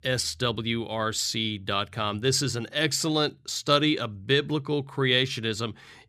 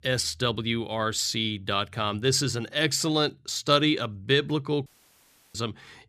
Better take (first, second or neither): first